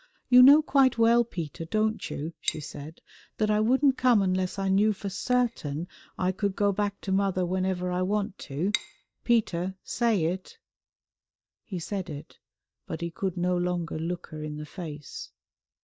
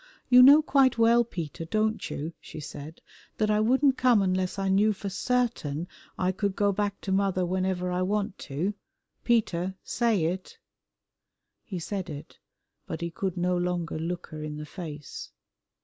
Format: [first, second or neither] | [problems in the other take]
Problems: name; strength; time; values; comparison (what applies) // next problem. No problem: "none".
second | noise reduction (neural mask model DeepFilterNet 3)